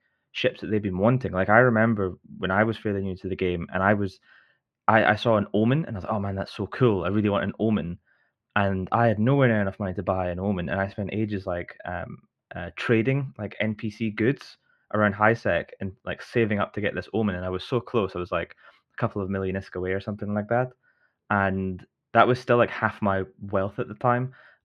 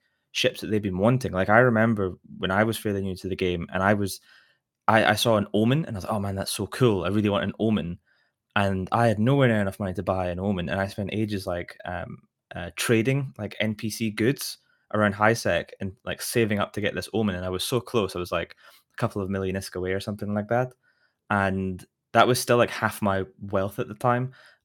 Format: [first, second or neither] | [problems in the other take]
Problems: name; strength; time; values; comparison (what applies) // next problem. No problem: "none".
second | muffled; slightly; fading above 2 kHz